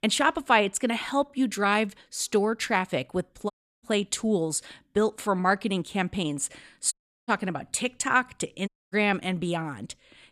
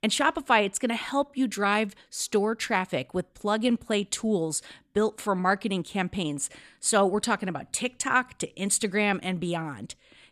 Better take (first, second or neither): second